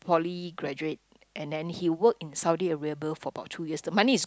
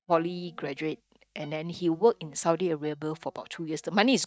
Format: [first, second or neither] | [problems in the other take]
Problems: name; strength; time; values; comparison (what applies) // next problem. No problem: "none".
first | noise reduction (neural mask model DeepFilterNet 3)